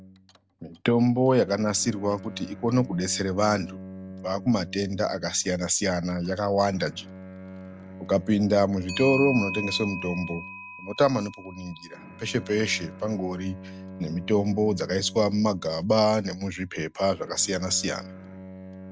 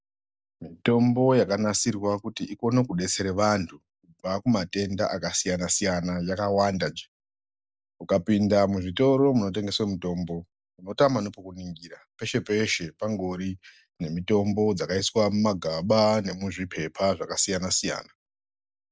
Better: second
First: background sound (Bowed string instrument + Clock); 14 dB below the speech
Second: none

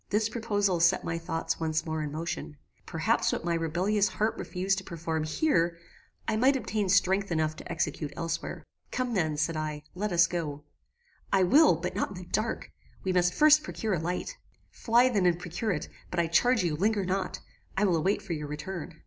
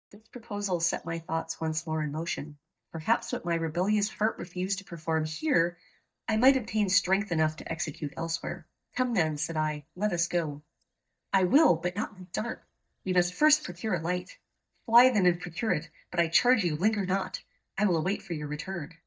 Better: first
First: none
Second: noise reduction (neural mask model DeepFilterNet 3)

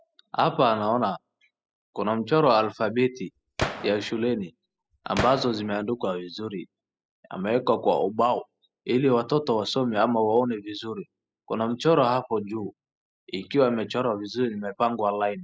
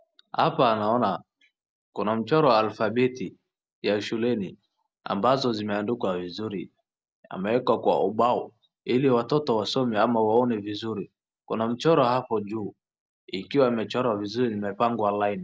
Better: second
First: noise reduction (classical method spectral subtraction)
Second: none

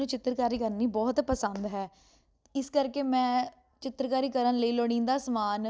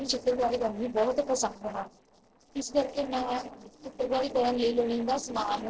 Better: first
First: none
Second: noise reduction (neural separator model SepFormer DNS4)

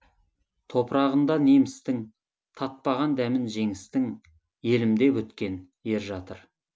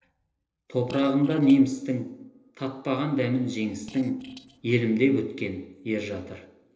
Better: first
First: none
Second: noise reduction (neural separator model SepFormer DNS4)

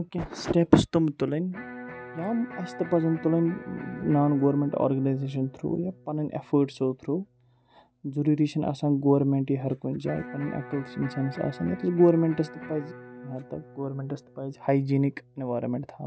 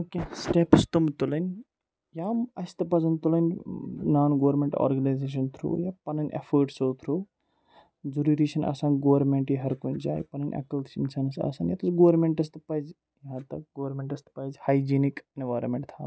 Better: second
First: background sound (Electric guitar); 18 dB below the speech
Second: none

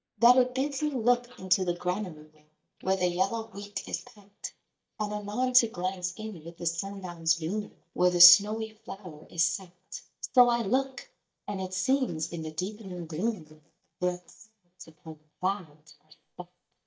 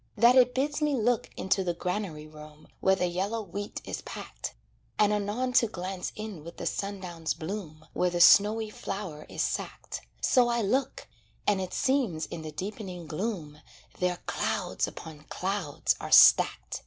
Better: second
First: noise reduction (neural mask model DeepFilterNet 3)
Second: none

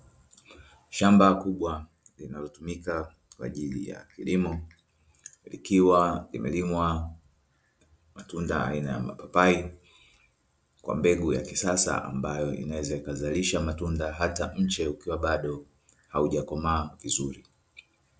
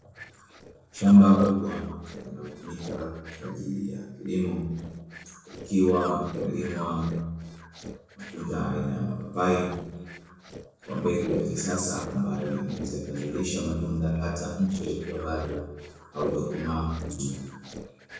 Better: first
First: none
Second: noise reduction (neural separator model SepFormer DNS4)

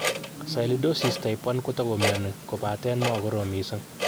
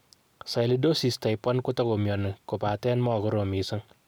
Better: second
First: background sound (Clock); 5 dB below the speech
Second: none

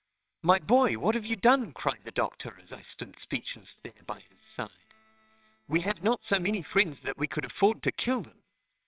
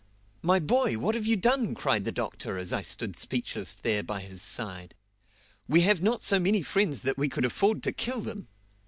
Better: second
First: noise reduction (neural separator model SepFormer WHAMR!)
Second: none

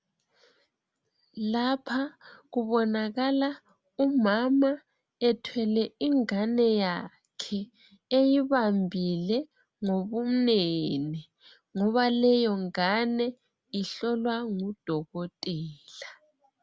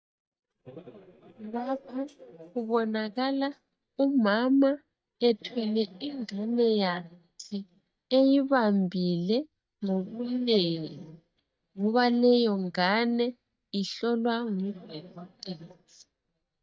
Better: first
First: none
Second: noise reduction (neural mask model DeepFilterNet 3)

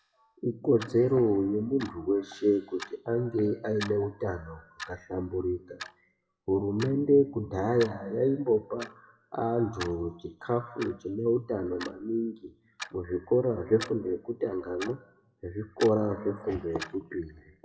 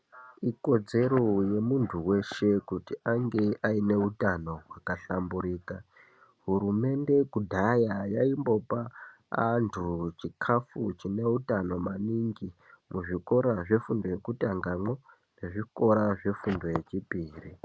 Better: second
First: noise reduction (classical method WPE with log-MMSE)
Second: none

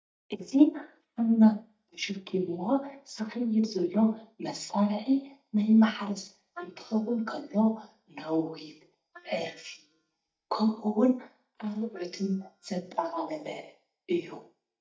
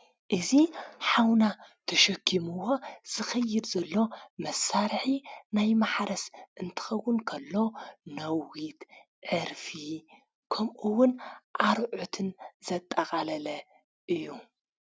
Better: second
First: noise reduction (neural mask model DeepFilterNet 3)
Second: none

